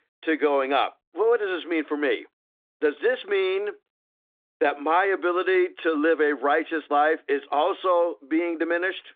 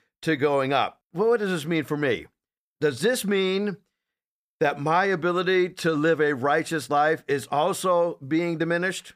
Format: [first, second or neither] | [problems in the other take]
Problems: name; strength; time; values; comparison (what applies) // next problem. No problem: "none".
second | phone-call audio